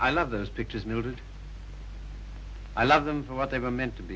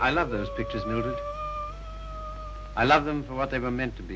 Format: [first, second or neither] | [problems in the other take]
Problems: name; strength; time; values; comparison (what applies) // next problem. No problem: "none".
first | background sound (Breathing); 10 dB below the speech